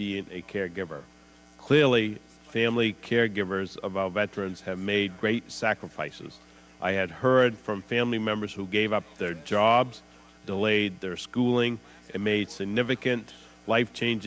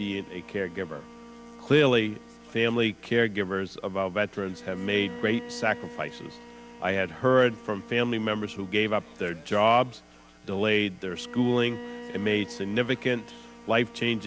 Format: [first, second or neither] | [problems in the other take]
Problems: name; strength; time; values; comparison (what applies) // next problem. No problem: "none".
first | background sound (Bowed string instrument); 18 dB below the speech